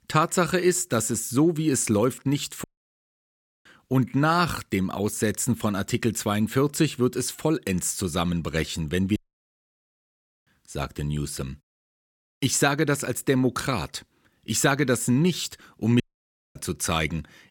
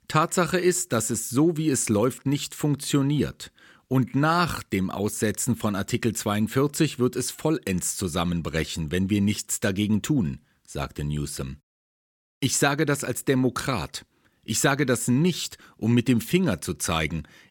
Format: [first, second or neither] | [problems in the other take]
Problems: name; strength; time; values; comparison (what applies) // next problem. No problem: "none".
second | audio cutting out; at 2.5 s for 1 s, at 9 s for 1.5 s and at 16 s for 0.5 s